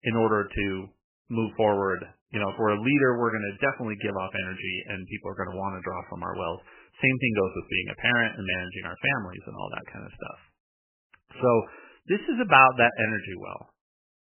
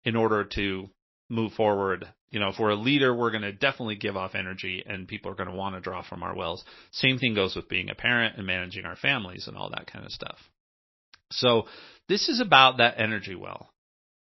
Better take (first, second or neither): second